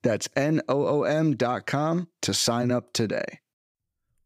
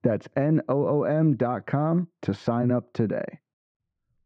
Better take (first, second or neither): first